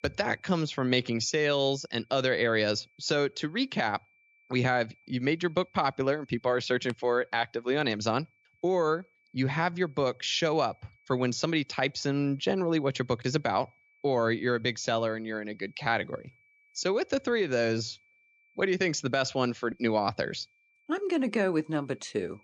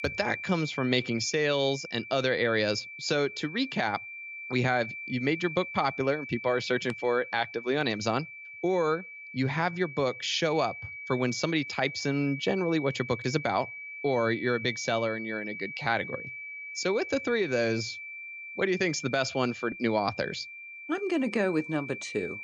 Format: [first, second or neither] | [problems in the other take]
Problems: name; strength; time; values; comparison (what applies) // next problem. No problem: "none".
first | high-pitched whine; loud; throughout; 2.5 kHz, 10 dB below the speech; faint in the first